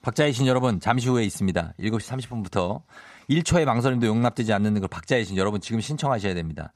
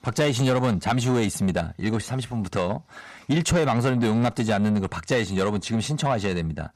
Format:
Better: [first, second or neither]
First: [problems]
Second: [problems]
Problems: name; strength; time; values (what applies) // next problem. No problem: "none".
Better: first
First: none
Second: distortion; slight; 10 dB below the speech